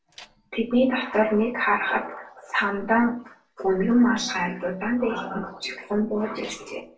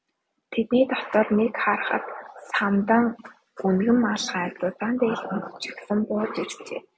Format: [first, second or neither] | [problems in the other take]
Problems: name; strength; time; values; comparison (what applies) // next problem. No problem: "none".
second | noise reduction (neural separator model SepFormer DNS4)